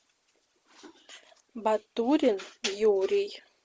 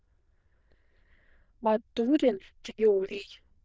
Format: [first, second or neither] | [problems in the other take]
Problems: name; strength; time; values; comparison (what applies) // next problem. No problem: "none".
first | noise reduction (neural diffusion model UNIVERSE++)